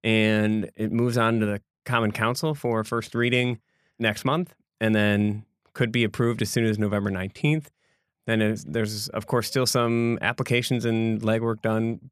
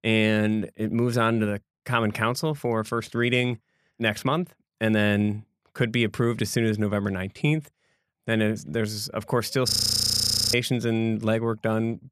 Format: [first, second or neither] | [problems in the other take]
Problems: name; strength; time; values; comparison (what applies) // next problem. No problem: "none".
first | audio freezing; at 9.5 s for 1 s